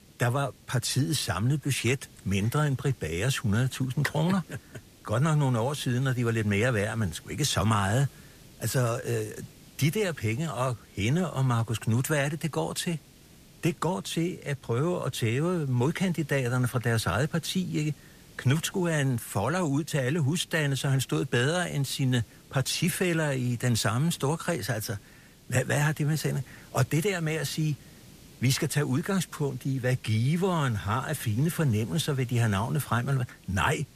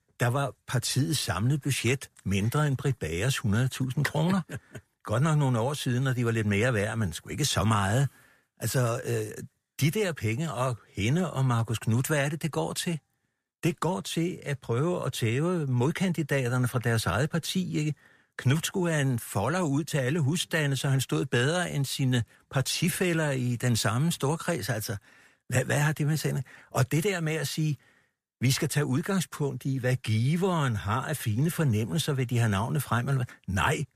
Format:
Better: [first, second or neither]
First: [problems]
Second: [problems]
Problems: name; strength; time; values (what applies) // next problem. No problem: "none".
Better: second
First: hiss; faint; throughout; 25 dB below the speech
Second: none